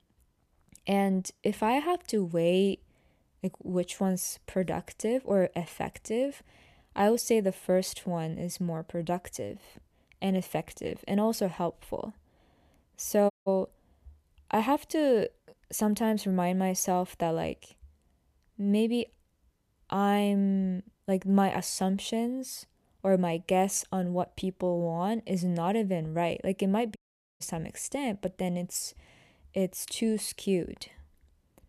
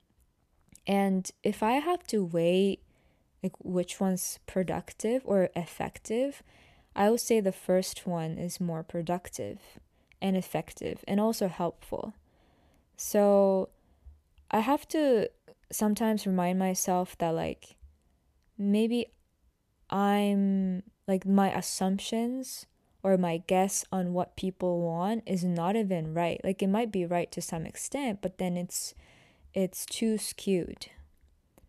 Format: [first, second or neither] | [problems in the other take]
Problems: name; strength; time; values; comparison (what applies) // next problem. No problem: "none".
second | audio cutting out; at 13 s and at 27 s